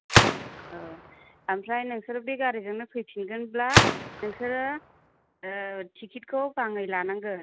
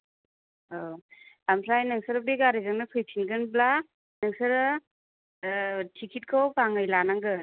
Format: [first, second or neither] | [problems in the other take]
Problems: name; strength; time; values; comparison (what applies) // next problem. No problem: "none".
second | background sound (Gunshot, gunfire); 3 dB above the speech